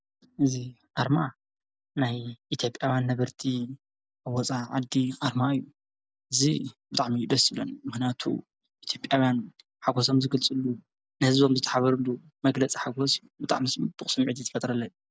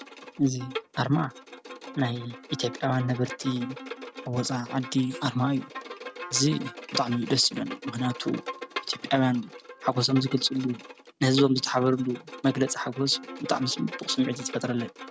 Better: first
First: none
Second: background sound (Bowed string instrument); 13 dB below the speech

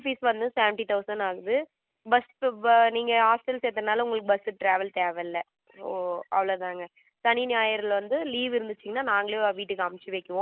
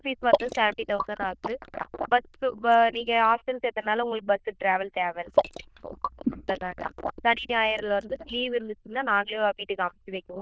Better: first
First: none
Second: noise reduction (neural diffusion model UNIVERSE++)

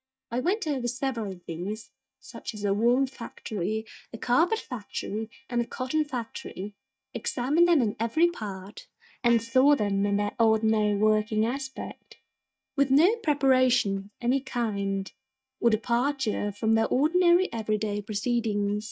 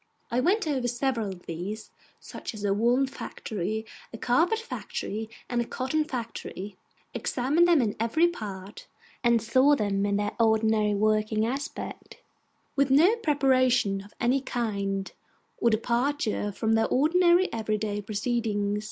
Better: second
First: noise reduction (neural mask model DeepFilterNet 3)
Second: none

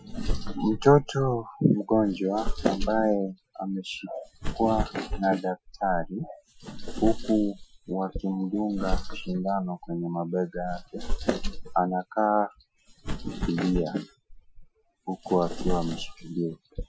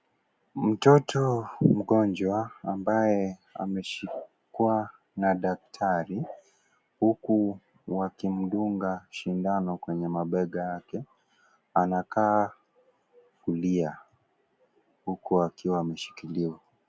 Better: second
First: noise reduction (classical method Wiener filter)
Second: none

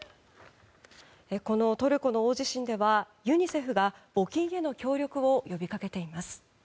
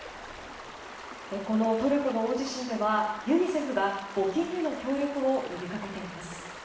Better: first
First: none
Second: background sound (Stream); 13 dB below the speech // room echo; dies away in 0.7 s

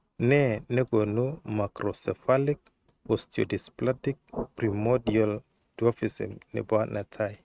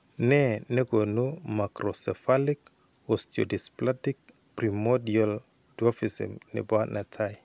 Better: second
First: noise reduction (neural mask model RNNoise)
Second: none

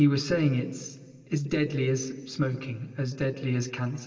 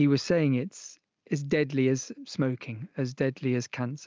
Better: second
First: room echo; dies away in 2.2 s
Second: none

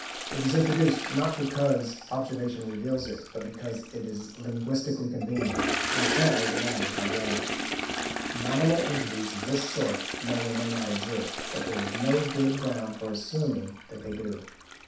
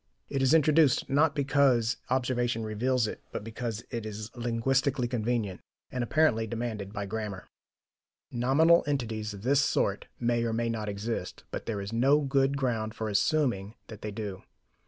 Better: second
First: background sound (Toilet flush); 4 dB below the speech // room echo; dies away in 0.7 s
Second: none

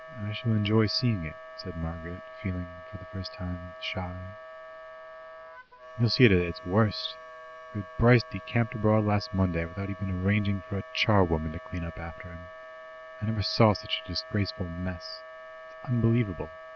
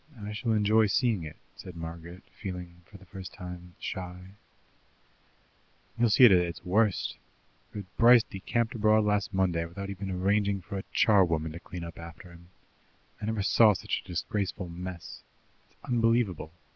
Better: second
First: background sound (Wind instrument, woodwind instrument); 16 dB below the speech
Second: none

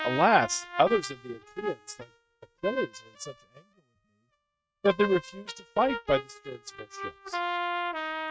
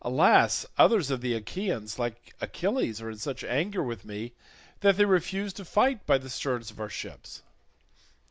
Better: second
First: noise reduction (neural mask model RNNoise)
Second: none

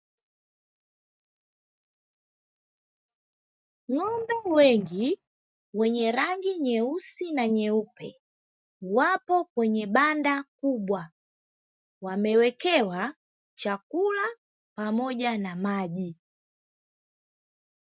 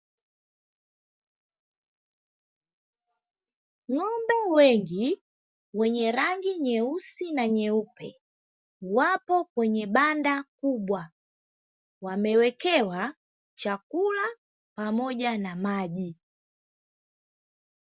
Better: second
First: noise reduction (neural mask model RNNoise)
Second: none

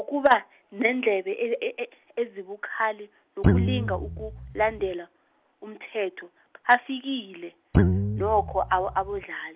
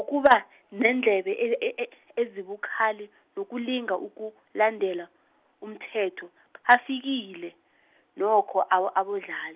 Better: second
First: background sound (Guitar); 2 dB above the speech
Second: none

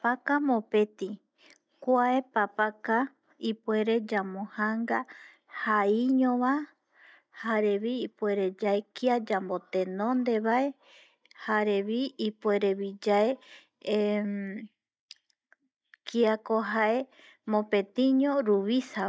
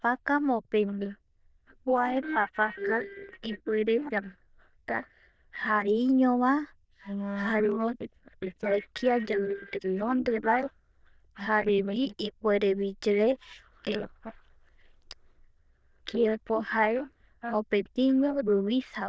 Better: first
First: none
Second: noise reduction (neural diffusion model UNIVERSE++)

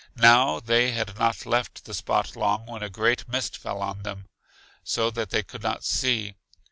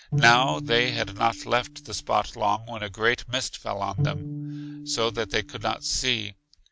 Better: first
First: none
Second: background sound (Bowed string instrument); 8 dB below the speech

